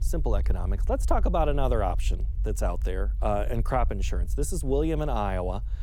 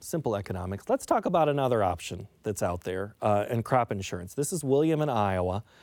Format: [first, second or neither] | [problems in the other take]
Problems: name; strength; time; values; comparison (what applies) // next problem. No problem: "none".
second | low rumble; faint; throughout; 20 dB below the speech